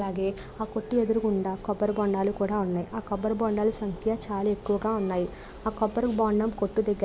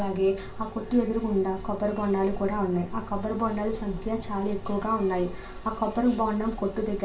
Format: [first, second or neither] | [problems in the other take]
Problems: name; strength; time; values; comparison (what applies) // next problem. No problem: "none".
first | room echo; dies away in 0.3 s